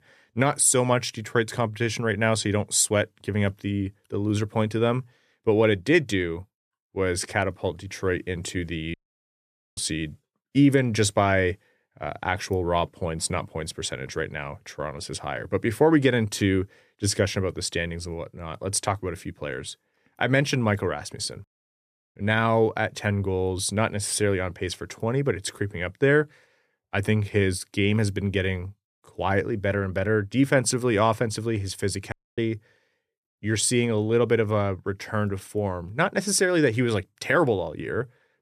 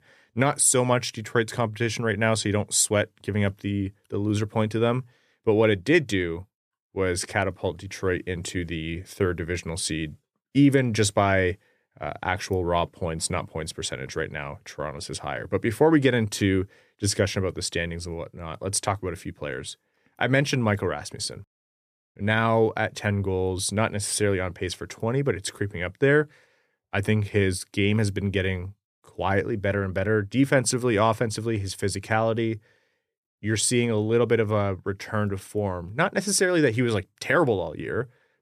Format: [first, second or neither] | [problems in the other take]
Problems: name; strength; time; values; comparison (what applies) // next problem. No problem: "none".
second | audio cutting out; at 9 s for 1 s and at 32 s